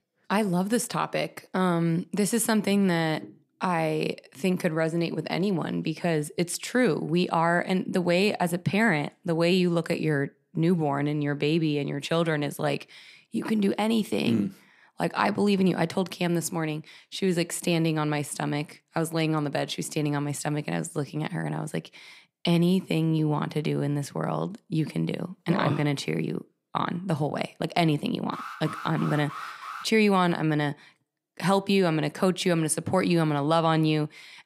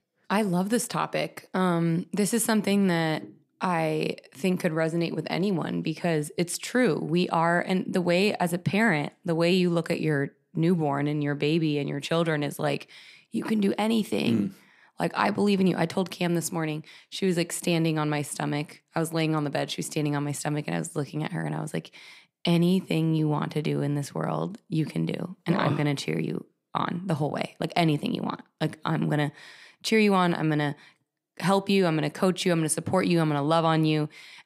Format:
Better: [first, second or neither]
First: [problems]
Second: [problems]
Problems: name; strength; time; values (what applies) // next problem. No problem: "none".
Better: second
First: alarm; faint; from 28 to 30 s; peak 10 dB below the speech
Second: none